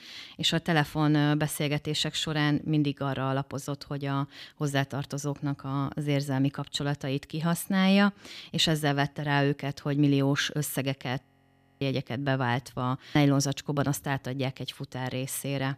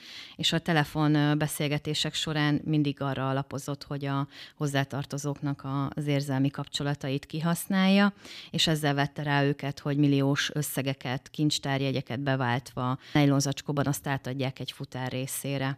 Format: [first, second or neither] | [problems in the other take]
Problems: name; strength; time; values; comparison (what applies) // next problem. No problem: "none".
second | audio freezing; at 11 s for 0.5 s